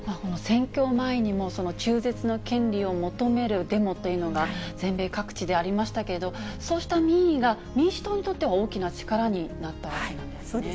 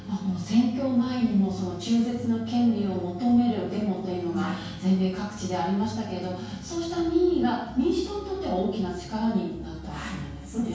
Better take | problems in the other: first | room echo; dies away in 0.6 s

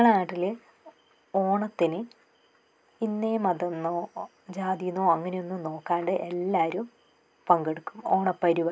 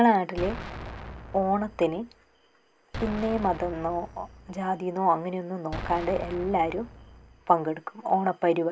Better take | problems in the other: first | background sound (Explosion); 13 dB below the speech

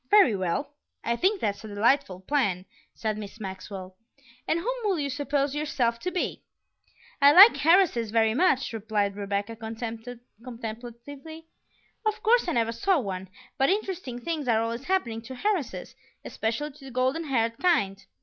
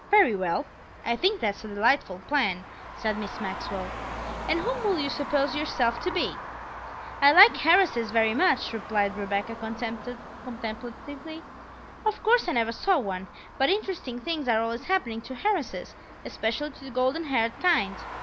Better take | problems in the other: first | background sound (Traffic noise, roadway noise); 12 dB below the speech

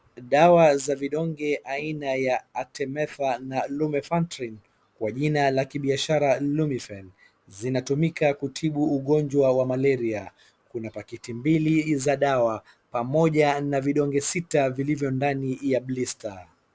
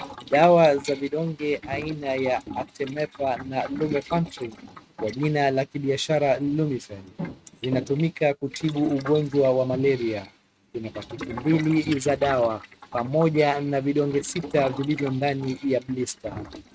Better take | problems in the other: first | noise reduction (neural mask model RNNoise)

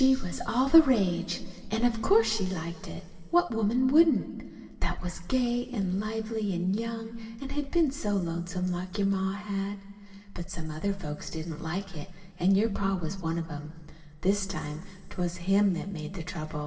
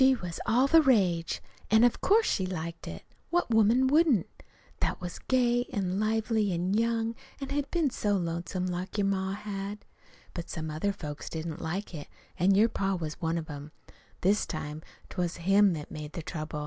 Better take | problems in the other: second | room echo; dies away in 2.3 s

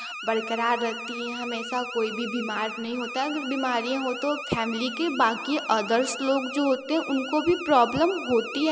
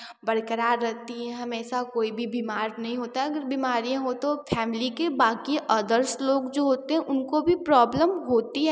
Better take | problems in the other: second | background sound (Alarm); 10 dB below the speech

